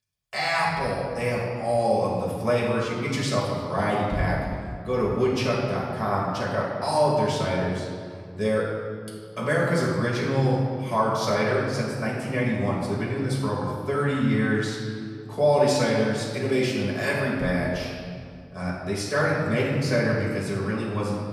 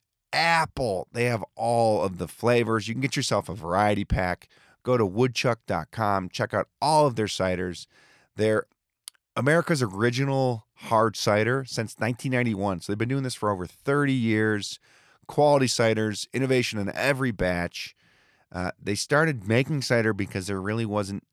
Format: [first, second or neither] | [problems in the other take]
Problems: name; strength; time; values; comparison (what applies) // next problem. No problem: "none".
second | off-mic speech; far // room echo; noticeable; dies away in 2 s